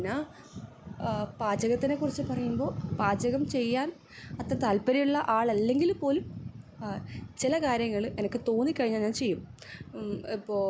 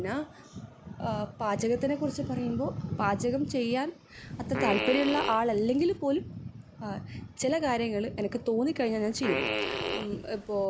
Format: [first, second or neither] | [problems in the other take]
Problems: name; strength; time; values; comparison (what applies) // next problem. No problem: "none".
first | background sound (Fart); 4 dB below the speech